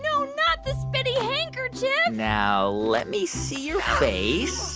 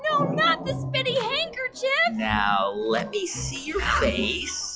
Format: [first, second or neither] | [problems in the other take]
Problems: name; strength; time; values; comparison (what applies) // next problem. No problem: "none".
first | noise reduction (classical method log-MMSE)